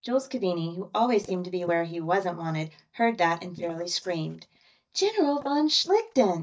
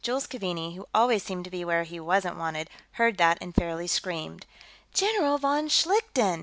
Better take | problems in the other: second | noise reduction (neural mask model DeepFilterNet 3)

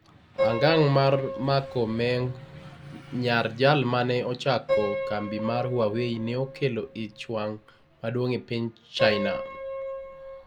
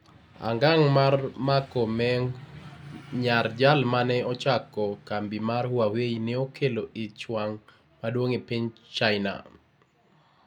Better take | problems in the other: second | background sound (Piano); 7 dB below the speech

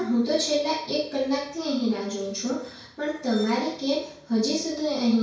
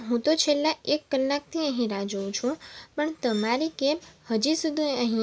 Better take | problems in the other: second | room echo; dies away in 0.5 s

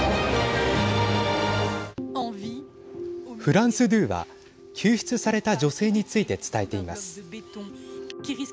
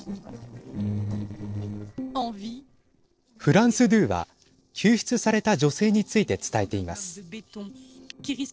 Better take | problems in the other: first | noise reduction (neural separator model SepFormer DNS4)

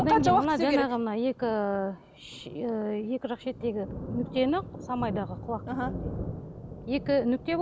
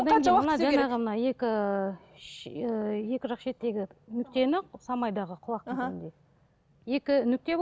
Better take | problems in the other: second | background sound (Thunder); 11 dB below the speech

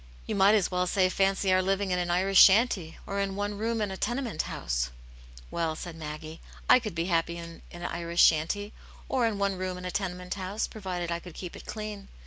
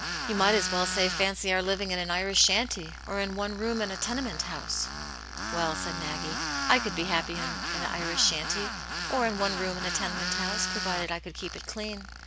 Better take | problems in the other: first | background sound (Tools); 5 dB below the speech

